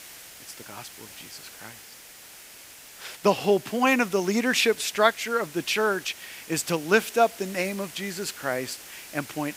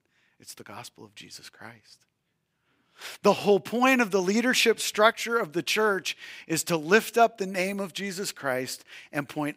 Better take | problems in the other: second | hiss; noticeable; throughout; 15 dB below the speech

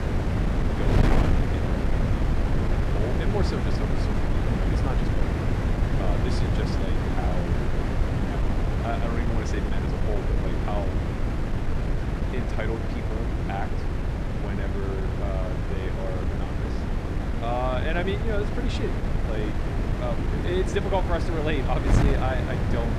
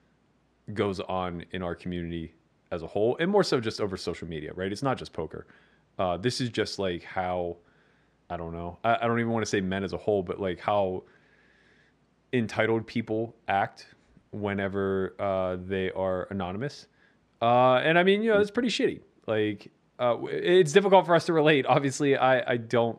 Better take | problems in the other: second | wind noise on the microphone; heavy; as loud as the speech

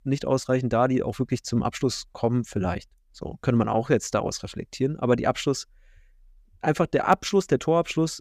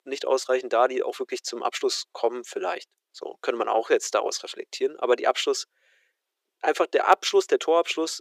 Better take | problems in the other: first | thin; very; fading below 350 Hz

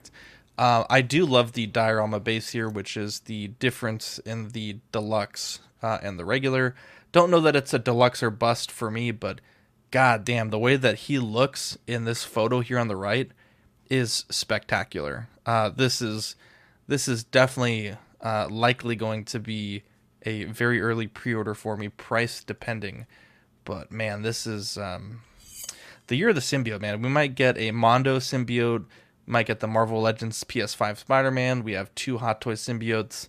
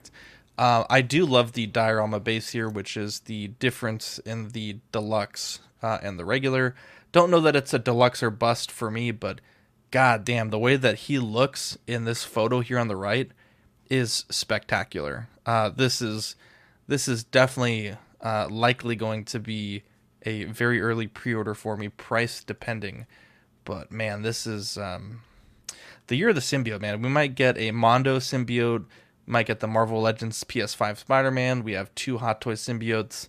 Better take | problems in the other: second | clattering dishes; faint; at 25 s; peak 15 dB below the speech

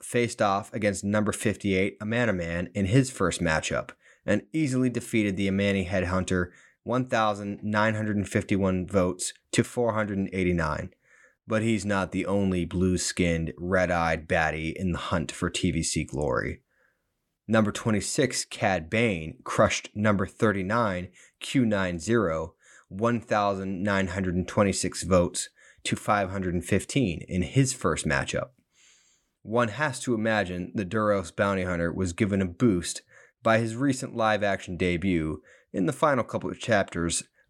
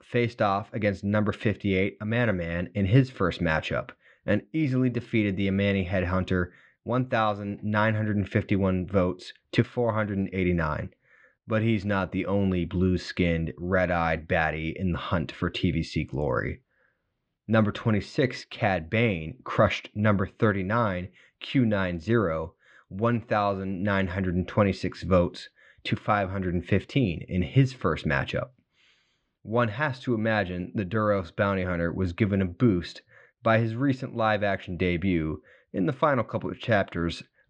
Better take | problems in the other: first | muffled; slightly; fading above 4 kHz

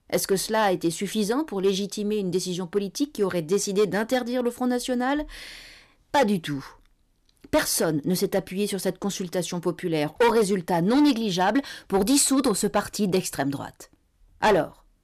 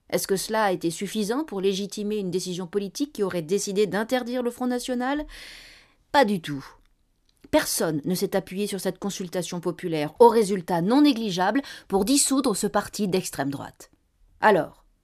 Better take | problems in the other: second | distortion; slight; 3% of the sound clipped

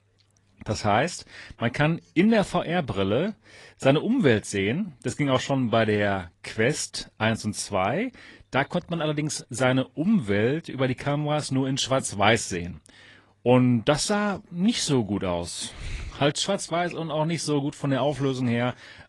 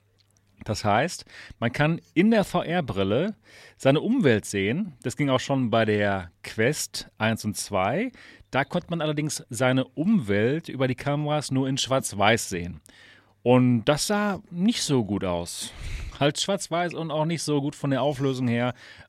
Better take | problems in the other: second | garbled, watery; slightly; nothing above 10.5 kHz

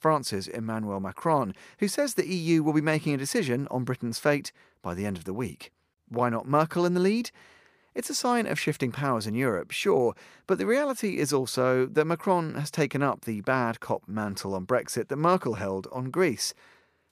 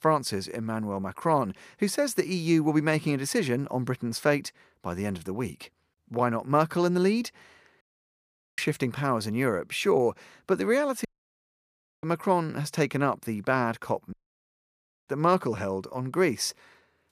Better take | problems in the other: first | audio cutting out; at 8 s for 1 s, at 11 s for 1 s and at 14 s for 1 s

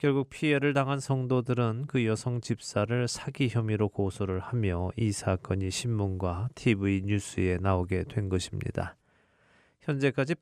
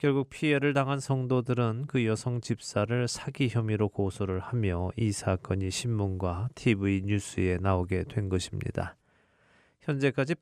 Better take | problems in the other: neither | none

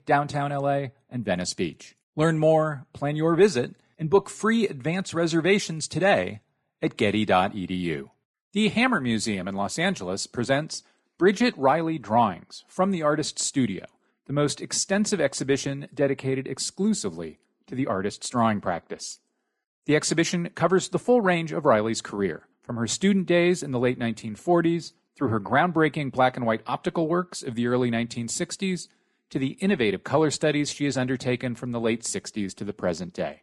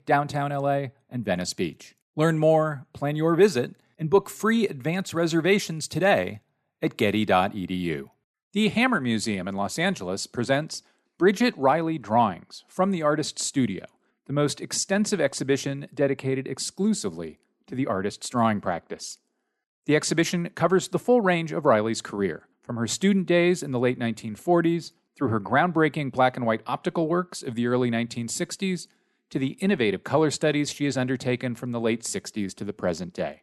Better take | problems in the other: second | garbled, watery; slightly

